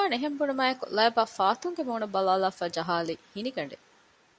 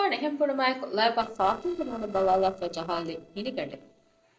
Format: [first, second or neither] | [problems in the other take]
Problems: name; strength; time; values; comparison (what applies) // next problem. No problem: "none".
first | noise reduction (neural separator model SepFormer DNS4)